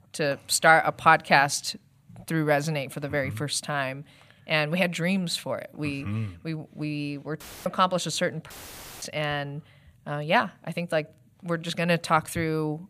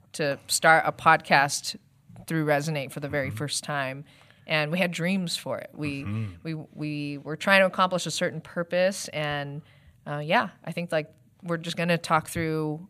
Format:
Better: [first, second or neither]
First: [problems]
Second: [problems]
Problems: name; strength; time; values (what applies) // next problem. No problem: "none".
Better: second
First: audio cutting out; filled with static; at 7.5 s and at 8.5 s for 0.5 s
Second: none